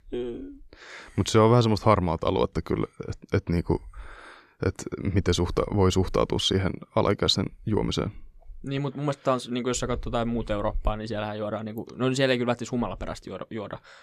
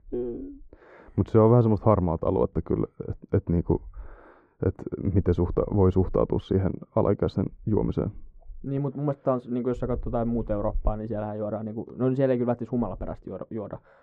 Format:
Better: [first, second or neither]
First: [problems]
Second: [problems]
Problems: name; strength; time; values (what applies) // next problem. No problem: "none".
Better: first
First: none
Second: muffled; very; fading above 2 kHz